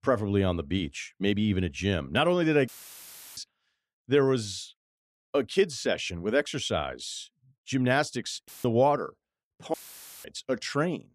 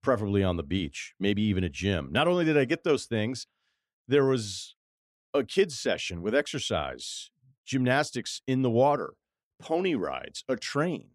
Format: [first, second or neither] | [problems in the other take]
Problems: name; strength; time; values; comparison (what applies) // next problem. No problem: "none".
second | audio cutting out; filled with static; at 2.5 s for 0.5 s, at 8.5 s and at 9.5 s for 0.5 s